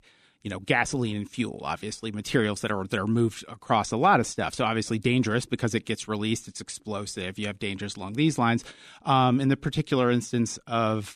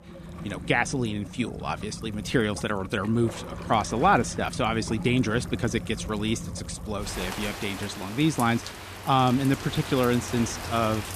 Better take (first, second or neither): first